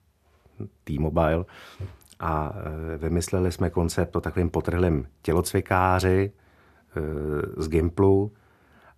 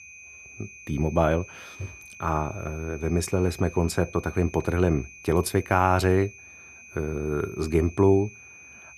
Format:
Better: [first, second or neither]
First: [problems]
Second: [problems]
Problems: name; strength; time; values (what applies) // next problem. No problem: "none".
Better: first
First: none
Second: high-pitched whine; noticeable; throughout; 2.5 kHz, 20 dB below the speech